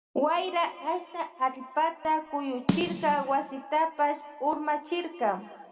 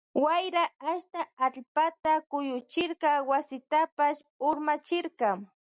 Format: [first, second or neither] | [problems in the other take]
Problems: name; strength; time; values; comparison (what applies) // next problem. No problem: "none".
second | background sound (Snare drum); 6 dB below the speech // room echo; dies away in 2 s